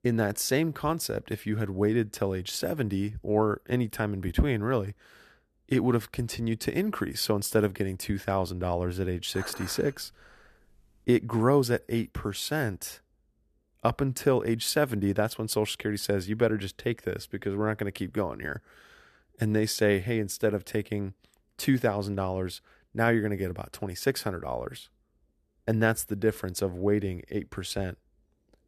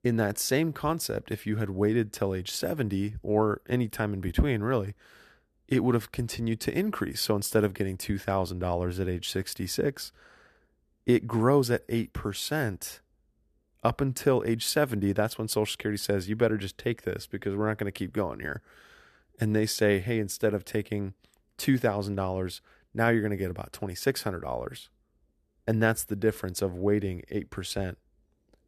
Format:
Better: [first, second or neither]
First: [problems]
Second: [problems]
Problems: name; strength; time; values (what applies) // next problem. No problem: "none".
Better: second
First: clattering dishes; faint; from 9.5 to 11 s; peak 10 dB below the speech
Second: none